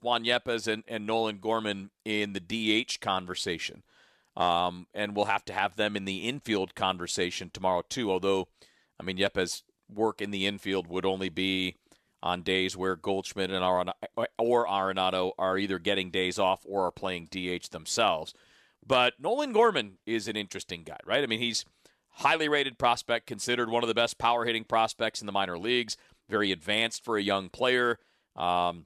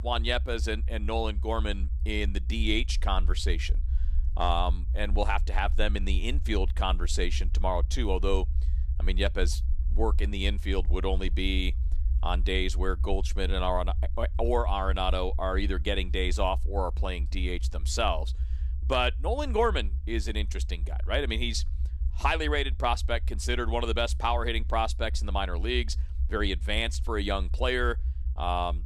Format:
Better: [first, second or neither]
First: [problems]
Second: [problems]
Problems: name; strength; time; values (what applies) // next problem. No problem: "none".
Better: first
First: none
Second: low rumble; faint; throughout; 20 dB below the speech